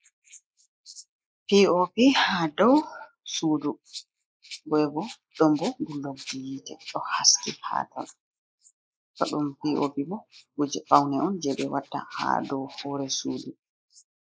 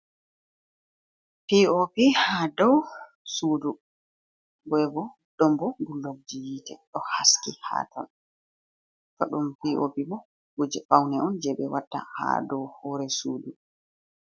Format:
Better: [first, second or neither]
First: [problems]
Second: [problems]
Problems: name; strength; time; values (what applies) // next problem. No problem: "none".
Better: second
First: noise reduction (neural mask model Resemble Enhance denoiser)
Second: none